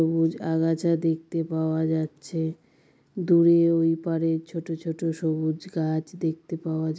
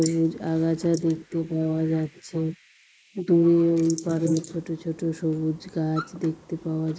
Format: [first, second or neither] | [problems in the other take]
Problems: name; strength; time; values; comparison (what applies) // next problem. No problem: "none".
first | noise reduction (neural mask model Resemble Enhance denoiser)